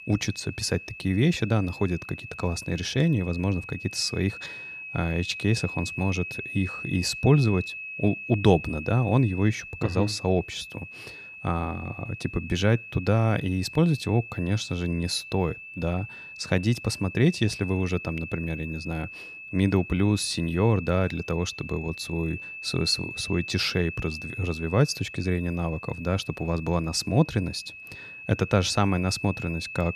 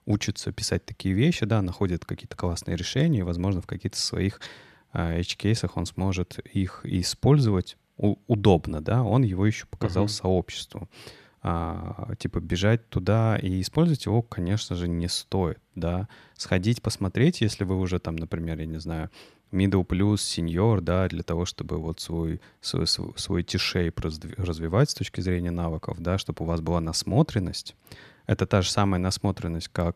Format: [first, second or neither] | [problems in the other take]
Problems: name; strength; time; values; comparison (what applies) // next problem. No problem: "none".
second | high-pitched whine; noticeable; throughout; 2.5 kHz, 10 dB below the speech